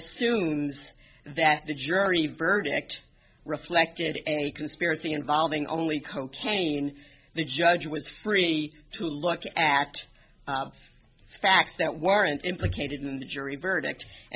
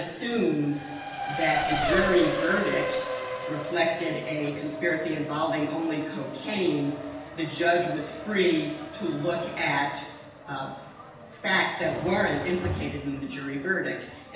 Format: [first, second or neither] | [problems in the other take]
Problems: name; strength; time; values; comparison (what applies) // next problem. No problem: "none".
first | background sound (Race car, auto racing); 7 dB below the speech // room echo; dies away in 0.9 s